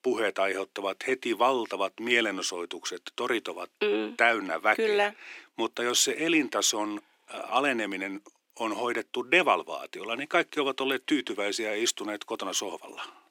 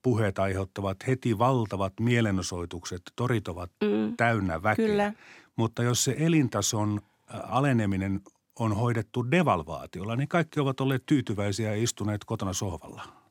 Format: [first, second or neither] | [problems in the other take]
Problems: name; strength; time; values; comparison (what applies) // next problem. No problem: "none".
second | thin; somewhat; fading below 350 Hz